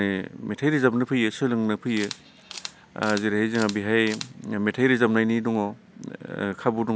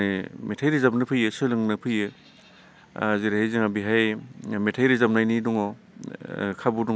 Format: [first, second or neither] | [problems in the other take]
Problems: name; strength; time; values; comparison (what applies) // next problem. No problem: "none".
second | background sound (Camera); 17 dB below the speech